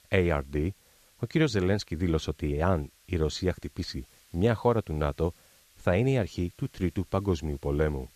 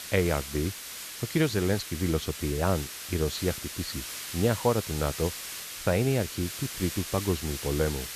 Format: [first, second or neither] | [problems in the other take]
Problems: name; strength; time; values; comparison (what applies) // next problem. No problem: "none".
first | hiss; loud; throughout; 7 dB below the speech; faint in the first